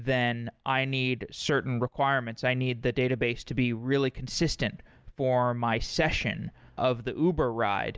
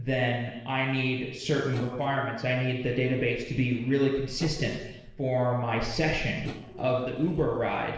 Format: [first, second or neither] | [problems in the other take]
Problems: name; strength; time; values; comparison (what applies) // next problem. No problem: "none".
first | noise reduction (neural separator model SepFormer DNS4)